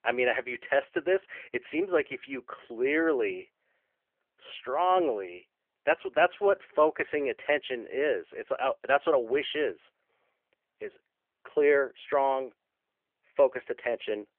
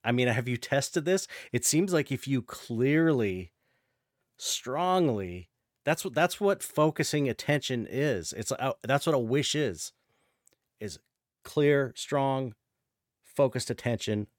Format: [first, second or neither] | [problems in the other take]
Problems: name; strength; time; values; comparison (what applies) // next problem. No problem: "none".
second | phone-call audio; nothing above 3 kHz